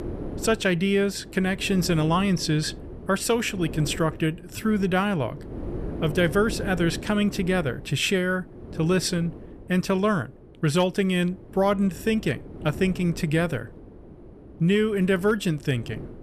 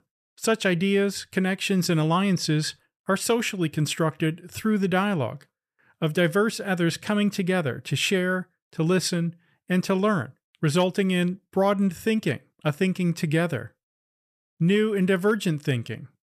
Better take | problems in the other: second | wind noise on the microphone; occasional gusts; 15 dB below the speech

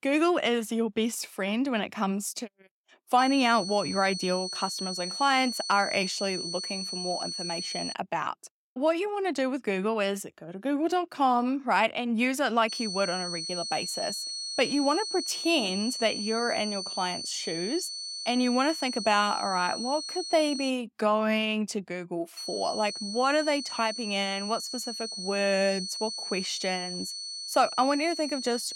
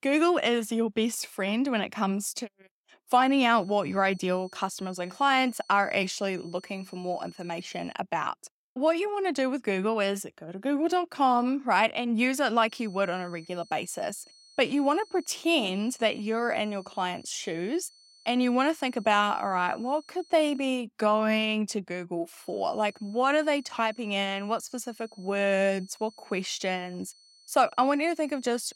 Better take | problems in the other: second | high-pitched whine; loud; from 3 to 8 s, from 13 to 21 s and from 22 s on; 4.5 kHz, 5 dB below the speech; faint in the second

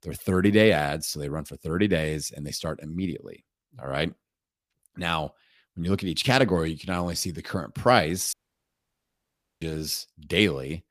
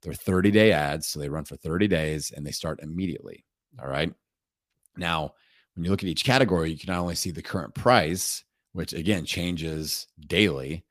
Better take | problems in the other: second | audio cutting out; at 8.5 s for 1.5 s

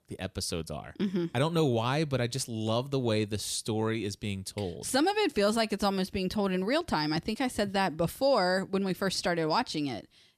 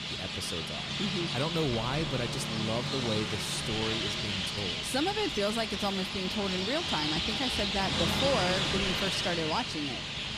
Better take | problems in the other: first | traffic noise; very loud; throughout; 2 dB above the speech

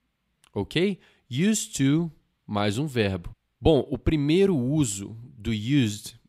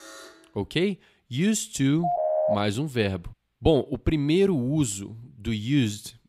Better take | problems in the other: first | alarm; faint; at the start; peak 20 dB below the speech // phone ringing; loud; at 2 s; peak 1 dB above the speech

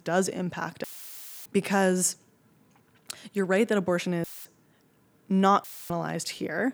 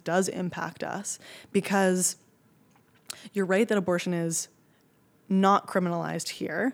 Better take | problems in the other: second | audio cutting out; filled with static; at 1 s for 0.5 s, at 4 s and at 5.5 s

